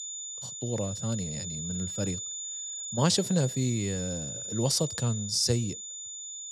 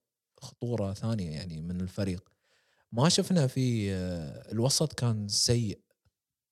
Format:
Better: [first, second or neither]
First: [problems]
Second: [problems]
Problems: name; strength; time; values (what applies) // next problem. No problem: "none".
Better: second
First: high-pitched whine; loud; throughout; 7 kHz, 5 dB below the speech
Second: none